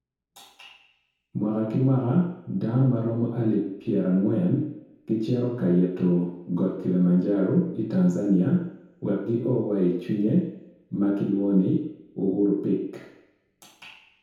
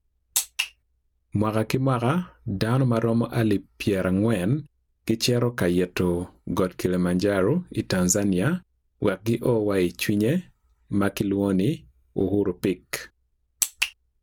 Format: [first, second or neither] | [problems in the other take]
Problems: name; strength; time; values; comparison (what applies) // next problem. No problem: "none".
second | room echo; dies away in 0.8 s